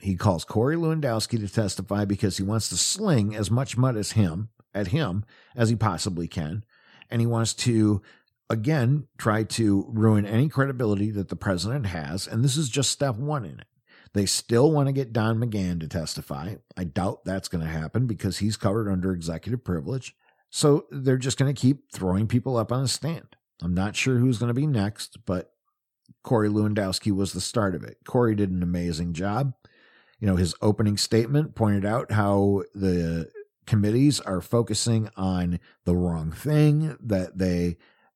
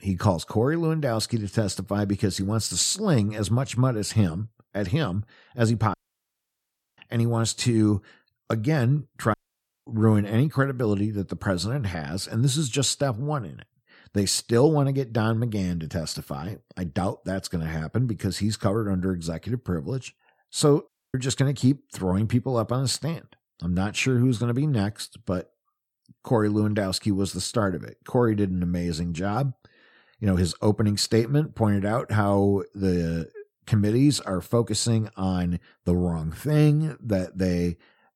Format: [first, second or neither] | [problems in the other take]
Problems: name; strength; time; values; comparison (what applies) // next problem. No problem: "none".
first | audio cutting out; at 6 s for 1 s, at 9.5 s for 0.5 s and at 21 s